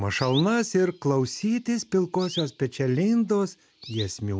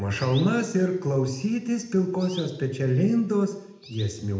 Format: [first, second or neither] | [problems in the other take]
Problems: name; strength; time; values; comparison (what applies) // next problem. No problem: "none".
first | room echo; dies away in 0.7 s